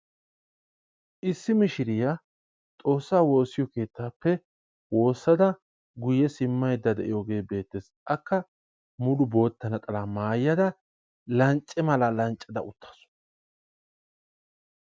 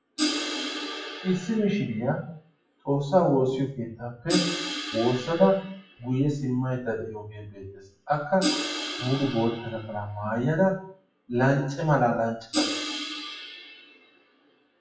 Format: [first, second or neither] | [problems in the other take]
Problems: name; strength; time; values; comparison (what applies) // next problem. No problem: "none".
first | noise reduction (classical method WPE with log-MMSE)